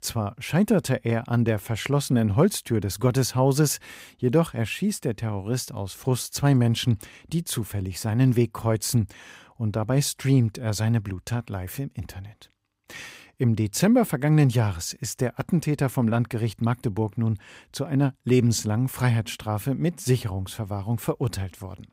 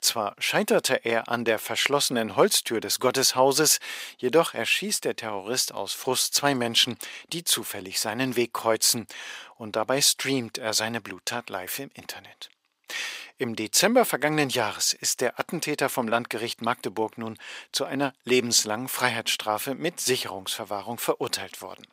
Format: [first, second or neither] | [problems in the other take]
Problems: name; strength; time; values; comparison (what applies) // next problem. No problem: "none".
first | thin; very; fading below 500 Hz